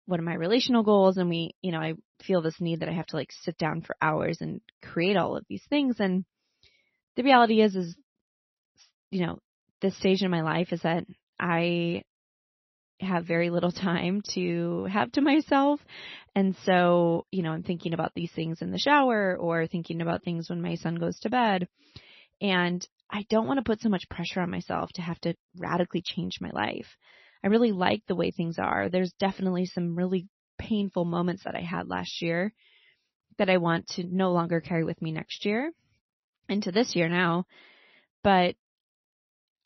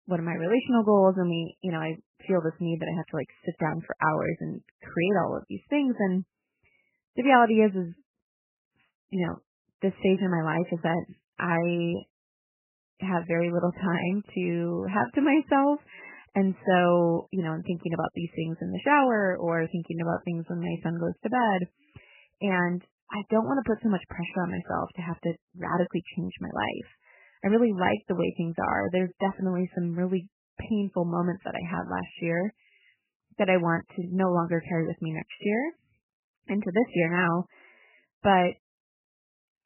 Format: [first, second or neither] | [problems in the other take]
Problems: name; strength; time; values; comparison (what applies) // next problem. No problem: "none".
first | garbled, watery; badly; nothing above 3 kHz; slightly in the first